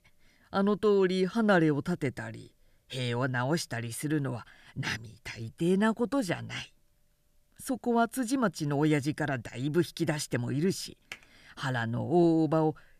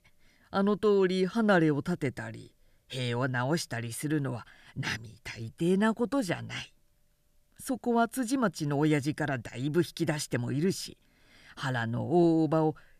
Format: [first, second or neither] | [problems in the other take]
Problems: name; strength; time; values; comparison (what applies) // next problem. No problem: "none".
second | keyboard typing; faint; at 11 s; peak 15 dB below the speech